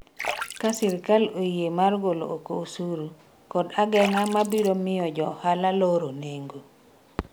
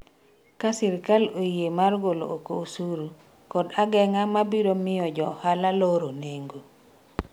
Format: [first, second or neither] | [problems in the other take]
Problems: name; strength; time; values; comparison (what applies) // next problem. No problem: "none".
second | background sound (Splash, splatter); 12 dB below the speech